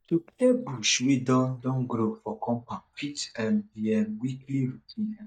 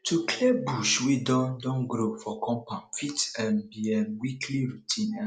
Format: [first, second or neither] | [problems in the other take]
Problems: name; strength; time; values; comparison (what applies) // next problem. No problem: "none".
second | noise reduction (neural mask model DeepFilterNet 3)